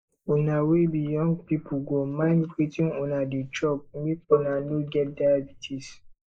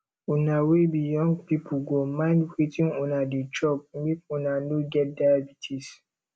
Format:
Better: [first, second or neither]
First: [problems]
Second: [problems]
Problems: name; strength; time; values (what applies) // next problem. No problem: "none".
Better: second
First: noise reduction (neural mask model Resemble Enhance denoiser)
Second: none